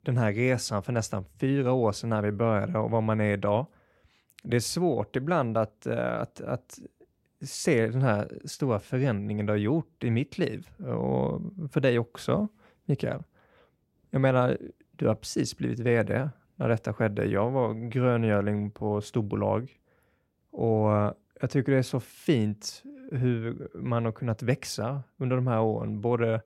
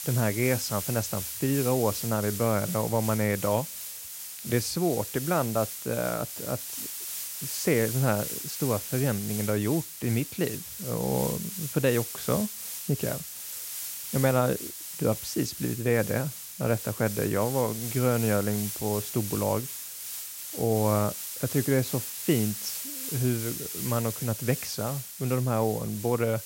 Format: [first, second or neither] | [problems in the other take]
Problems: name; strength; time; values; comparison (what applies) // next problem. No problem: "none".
first | hiss; loud; throughout; 6 dB below the speech